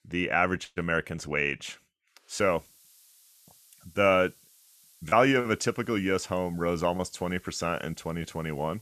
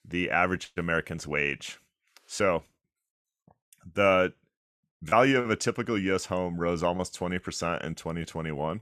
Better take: second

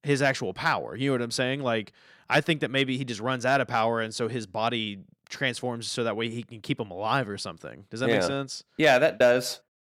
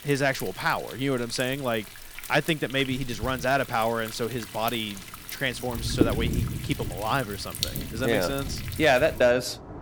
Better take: first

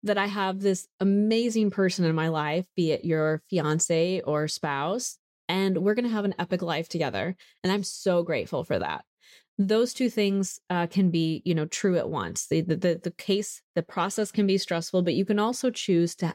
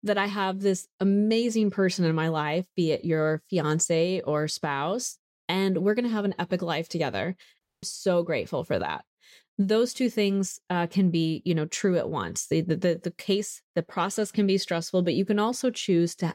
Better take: first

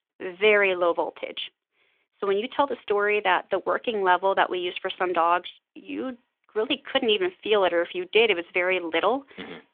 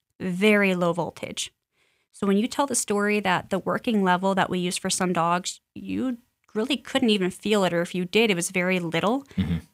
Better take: second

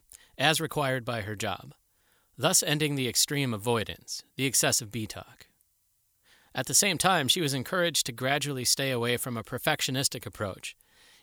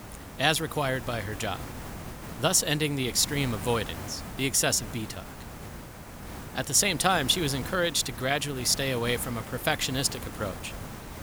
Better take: first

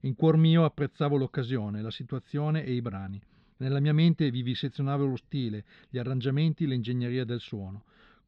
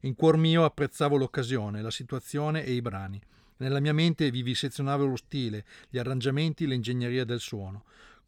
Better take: second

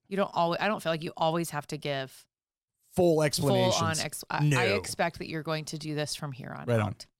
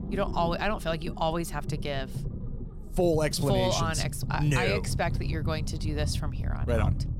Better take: first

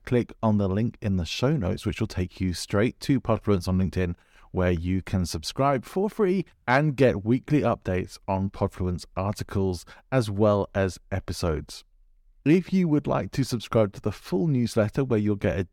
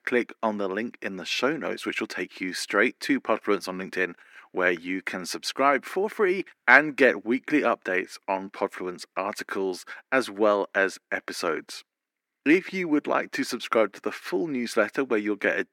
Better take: first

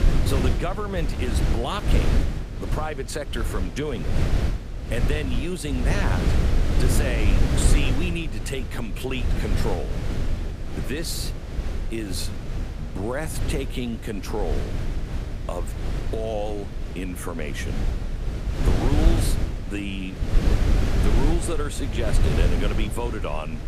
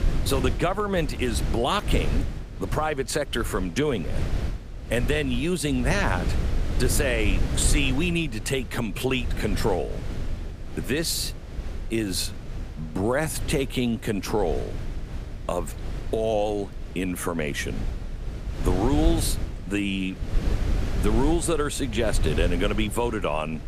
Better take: second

